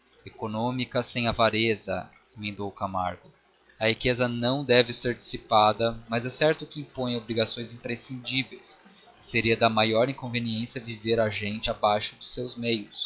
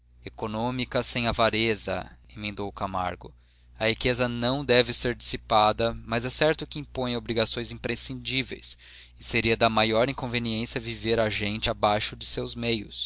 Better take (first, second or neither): second